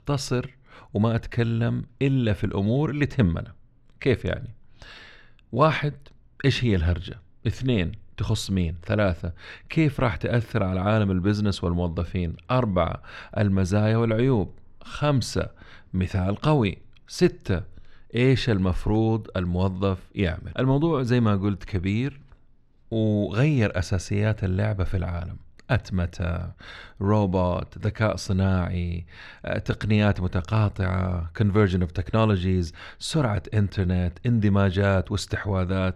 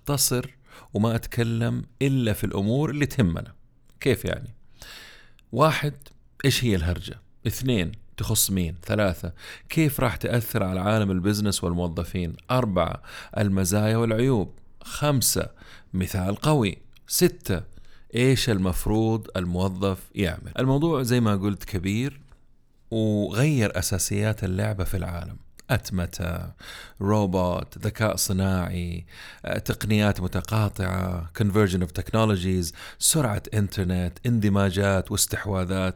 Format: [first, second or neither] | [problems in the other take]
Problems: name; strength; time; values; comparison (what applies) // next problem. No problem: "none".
second | muffled; slightly; fading above 3.5 kHz